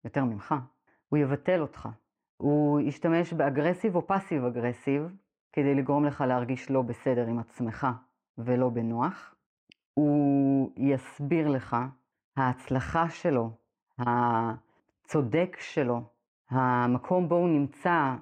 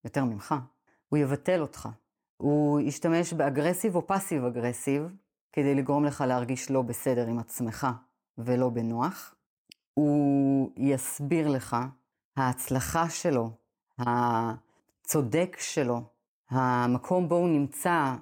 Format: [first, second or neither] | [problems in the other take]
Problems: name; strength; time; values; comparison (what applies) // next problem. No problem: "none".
second | muffled; very; fading above 2.5 kHz